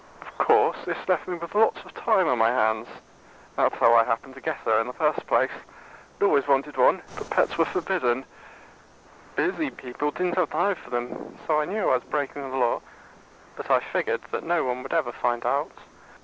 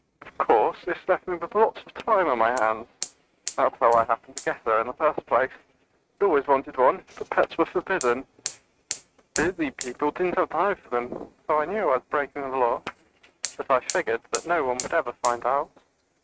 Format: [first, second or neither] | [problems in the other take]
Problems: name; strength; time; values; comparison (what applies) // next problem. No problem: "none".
first | noise reduction (neural mask model RNNoise)